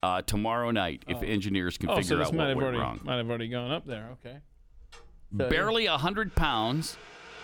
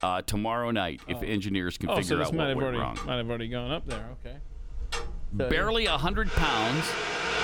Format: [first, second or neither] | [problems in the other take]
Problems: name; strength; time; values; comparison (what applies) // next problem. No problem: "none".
first | household noises; loud; throughout; 6 dB below the speech; faint in the first